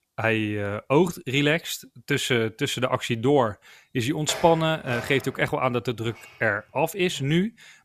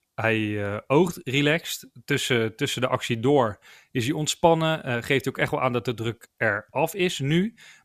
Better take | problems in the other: second | clattering dishes; noticeable; from 4.5 to 7 s; peak 9 dB below the speech

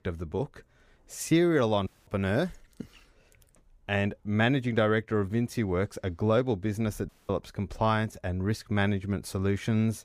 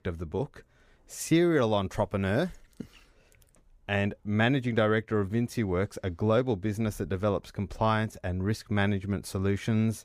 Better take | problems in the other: second | audio cutting out; at 2 s and at 7 s

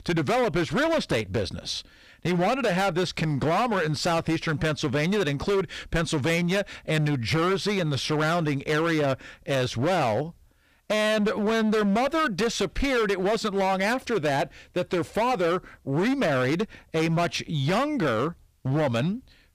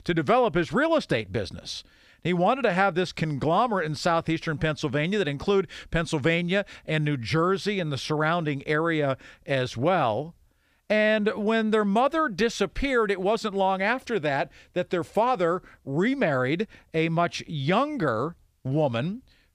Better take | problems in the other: second | distortion; heavy; 20% of the sound clipped

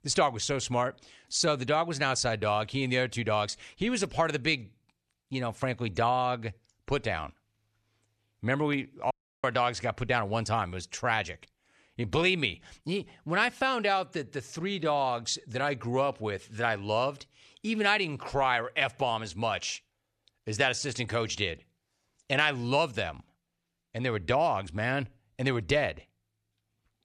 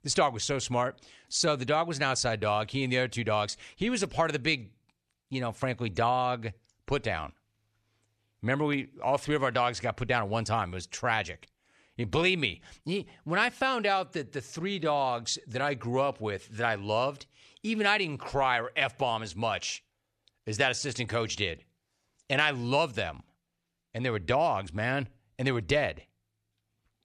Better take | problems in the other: second | audio cutting out; at 9 s

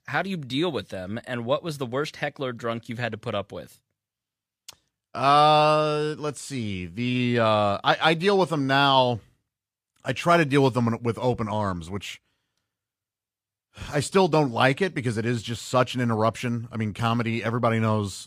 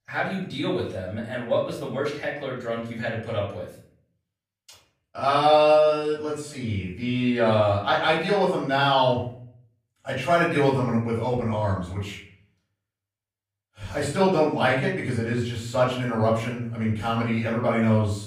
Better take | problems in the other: first | room echo; noticeable; dies away in 0.5 s // off-mic speech; far

